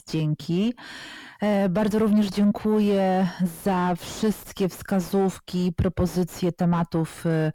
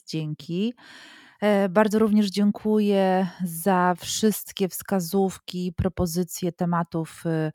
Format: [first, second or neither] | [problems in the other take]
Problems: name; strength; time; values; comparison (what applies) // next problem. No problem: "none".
second | distortion; heavy; 7 dB below the speech